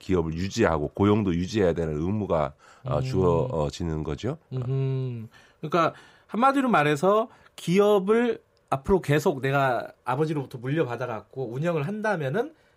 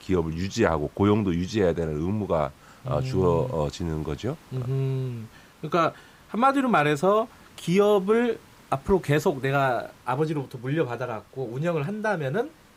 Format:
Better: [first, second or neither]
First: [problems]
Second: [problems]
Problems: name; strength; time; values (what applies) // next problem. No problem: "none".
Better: first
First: none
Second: hiss; faint; throughout; 25 dB below the speech